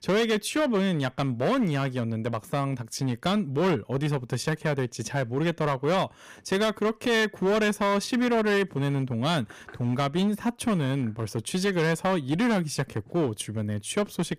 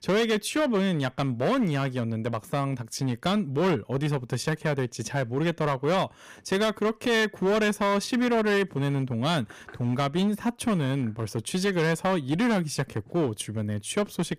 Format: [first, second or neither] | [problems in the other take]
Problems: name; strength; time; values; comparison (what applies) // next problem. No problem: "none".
neither | distortion; slight; 12% of the sound clipped; the same in both